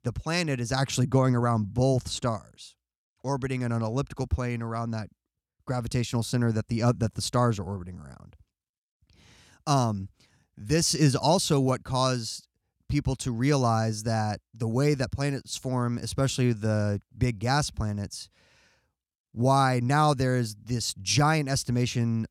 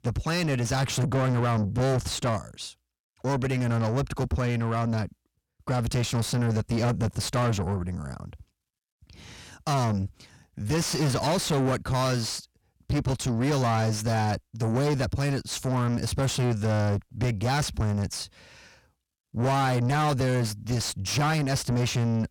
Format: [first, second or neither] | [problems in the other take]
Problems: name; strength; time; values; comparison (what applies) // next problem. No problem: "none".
first | distortion; heavy; 6 dB below the speech